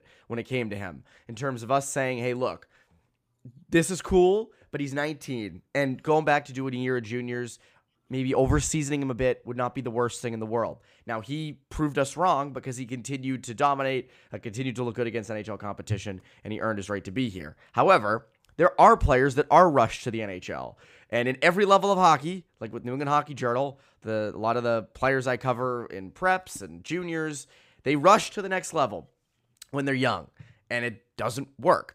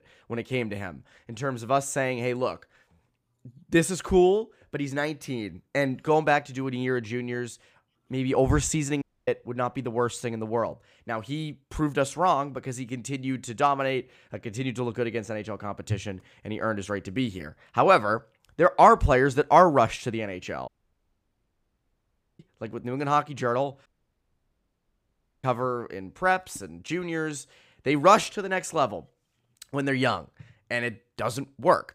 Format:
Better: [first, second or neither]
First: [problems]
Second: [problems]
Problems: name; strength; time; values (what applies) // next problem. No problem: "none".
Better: first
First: none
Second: audio cutting out; at 9 s, at 21 s for 1.5 s and at 24 s for 1.5 s